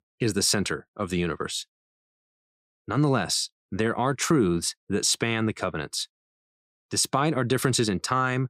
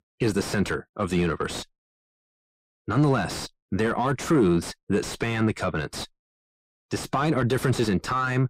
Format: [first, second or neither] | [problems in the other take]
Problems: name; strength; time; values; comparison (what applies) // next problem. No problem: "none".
first | distortion; heavy; 5 dB below the speech